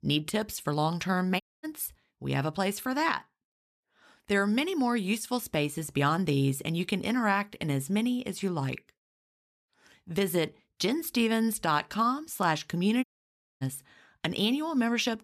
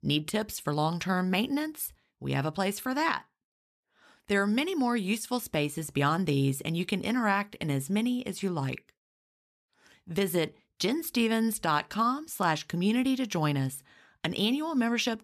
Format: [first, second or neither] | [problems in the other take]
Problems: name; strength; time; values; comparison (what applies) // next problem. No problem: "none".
second | audio cutting out; at 1.5 s and at 13 s for 0.5 s